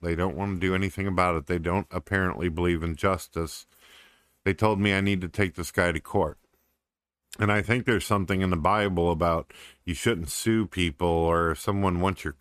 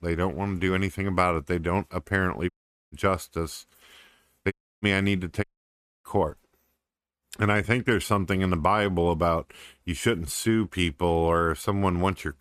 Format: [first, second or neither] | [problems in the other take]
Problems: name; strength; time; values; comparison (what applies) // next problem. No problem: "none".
first | audio cutting out; at 2.5 s, at 4.5 s and at 5.5 s for 0.5 s